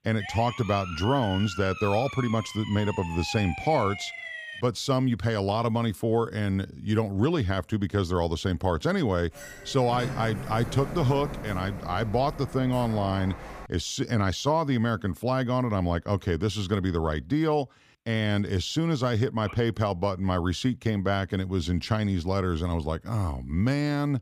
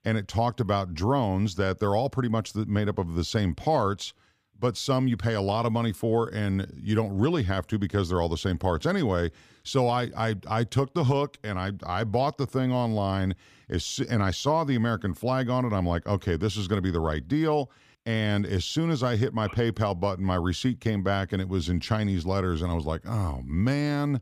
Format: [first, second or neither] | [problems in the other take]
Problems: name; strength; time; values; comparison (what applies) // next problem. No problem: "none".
second | siren; noticeable; until 4.5 s; peak 7 dB below the speech // door banging; noticeable; from 9.5 to 14 s; peak 7 dB below the speech